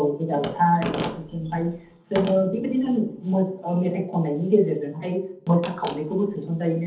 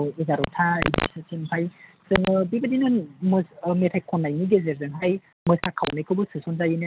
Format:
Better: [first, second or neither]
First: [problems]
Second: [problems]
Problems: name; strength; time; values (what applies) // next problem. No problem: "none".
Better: second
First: room echo; dies away in 0.7 s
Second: none